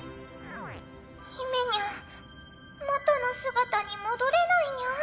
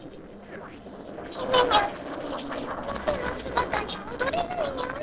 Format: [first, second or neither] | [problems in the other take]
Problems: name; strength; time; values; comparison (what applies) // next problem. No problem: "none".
first | noise reduction (neural separator model SepFormer DNS4)